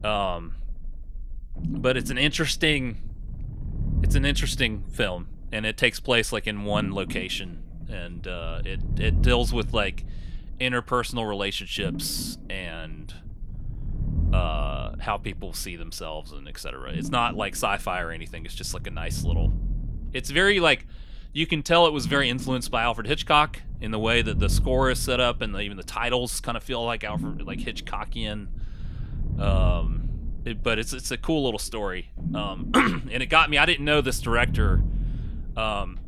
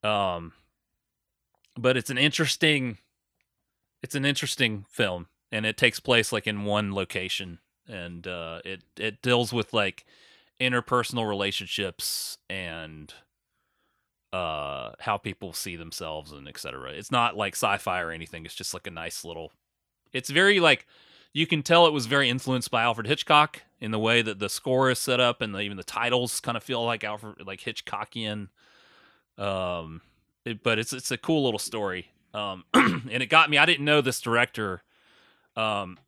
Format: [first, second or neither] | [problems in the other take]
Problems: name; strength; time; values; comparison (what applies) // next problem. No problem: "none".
second | low rumble; noticeable; throughout; 20 dB below the speech